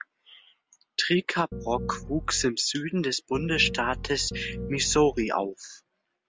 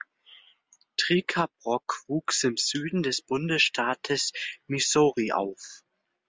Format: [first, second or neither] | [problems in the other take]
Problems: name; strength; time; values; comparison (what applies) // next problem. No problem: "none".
second | background sound (Piano); 8 dB below the speech